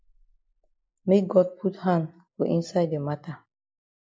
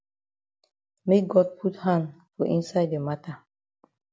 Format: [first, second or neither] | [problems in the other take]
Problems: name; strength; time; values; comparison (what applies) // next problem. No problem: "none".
second | noise reduction (neural mask model Resemble Enhance denoiser)